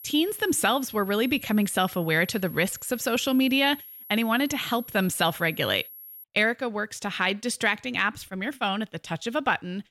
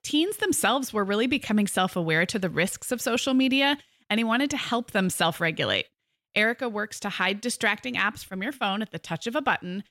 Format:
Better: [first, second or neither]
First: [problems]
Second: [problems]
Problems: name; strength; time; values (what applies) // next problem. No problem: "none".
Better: second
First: high-pitched whine; noticeable; until 6 s; 11.5 kHz, 15 dB below the speech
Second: none